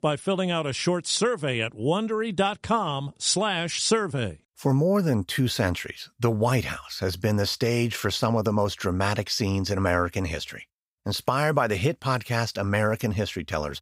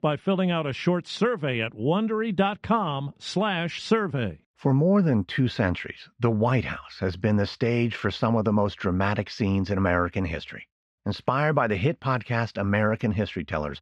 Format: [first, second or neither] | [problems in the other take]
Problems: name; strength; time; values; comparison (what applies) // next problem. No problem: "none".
first | muffled; slightly; fading above 2.5 kHz